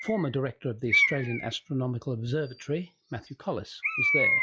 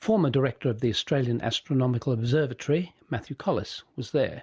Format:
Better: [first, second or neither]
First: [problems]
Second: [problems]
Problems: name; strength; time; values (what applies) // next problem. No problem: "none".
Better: second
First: noise reduction (classical method log-MMSE)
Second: none